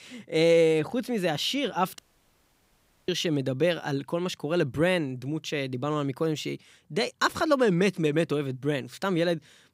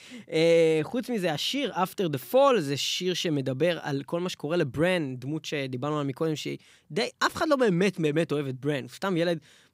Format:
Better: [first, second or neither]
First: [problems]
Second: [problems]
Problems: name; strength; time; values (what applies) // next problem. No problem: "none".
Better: second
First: audio cutting out; at 2 s for 1 s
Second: none